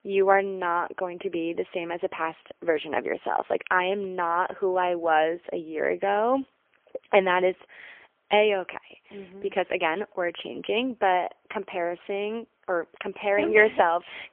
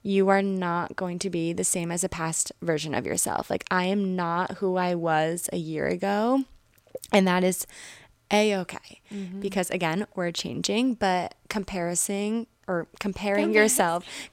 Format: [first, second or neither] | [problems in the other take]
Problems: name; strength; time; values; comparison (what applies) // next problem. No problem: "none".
second | phone-call audio; poor line; nothing above 3.5 kHz